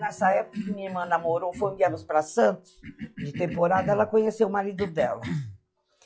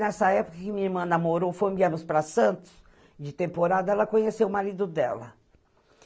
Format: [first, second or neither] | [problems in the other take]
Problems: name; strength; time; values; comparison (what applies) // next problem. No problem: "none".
second | noise reduction (classical method log-MMSE)